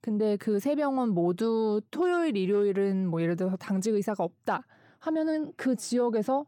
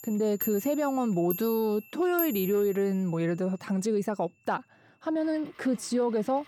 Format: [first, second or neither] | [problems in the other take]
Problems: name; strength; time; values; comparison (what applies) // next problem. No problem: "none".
first | household noises; loud; throughout; 8 dB below the speech